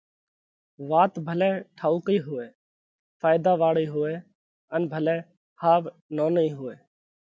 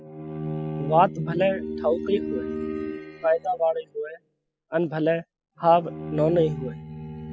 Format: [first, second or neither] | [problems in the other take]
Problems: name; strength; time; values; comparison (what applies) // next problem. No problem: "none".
first | noise reduction (classical method spectral subtraction)